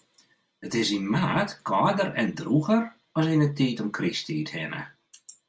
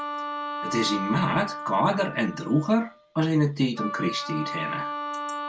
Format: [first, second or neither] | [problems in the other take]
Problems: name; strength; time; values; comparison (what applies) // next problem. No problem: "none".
first | background sound (Wind instrument, woodwind instrument); 7 dB below the speech